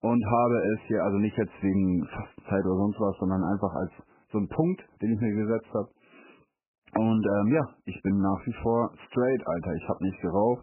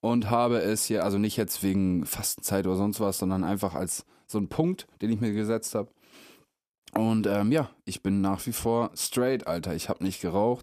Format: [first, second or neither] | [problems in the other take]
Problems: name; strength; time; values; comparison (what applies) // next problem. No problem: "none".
second | garbled, watery; badly; nothing above 3 kHz